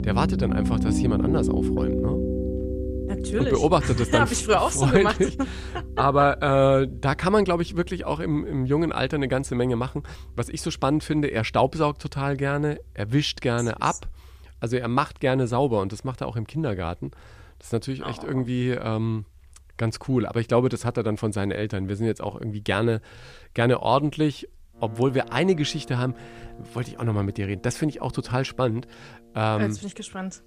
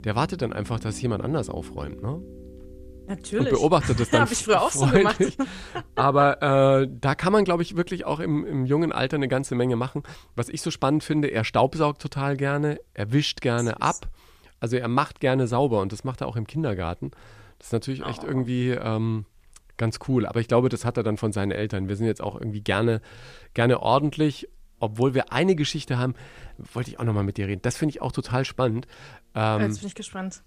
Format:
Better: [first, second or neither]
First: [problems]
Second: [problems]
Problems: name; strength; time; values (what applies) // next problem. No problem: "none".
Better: second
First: background music; loud; throughout; 6 dB below the speech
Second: background music; faint; throughout; 20 dB below the speech